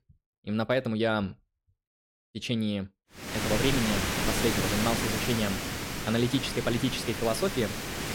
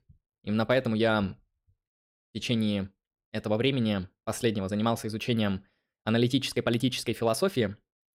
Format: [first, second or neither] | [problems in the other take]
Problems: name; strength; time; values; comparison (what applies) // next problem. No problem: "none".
second | hiss; loud; from 3.5 s on; 1 dB below the speech